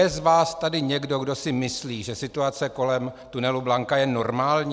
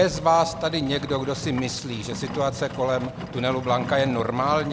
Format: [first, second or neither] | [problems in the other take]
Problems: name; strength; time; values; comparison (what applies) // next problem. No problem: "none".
first | background sound (Livestock, farm animals, working animals); 10 dB below the speech